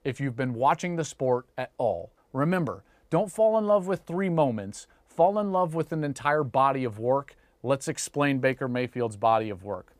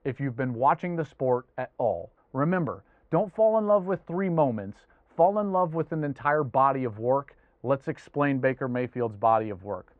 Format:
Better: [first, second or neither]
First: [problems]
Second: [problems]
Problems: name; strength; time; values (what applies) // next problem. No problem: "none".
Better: first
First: none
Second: muffled; very; fading above 1.5 kHz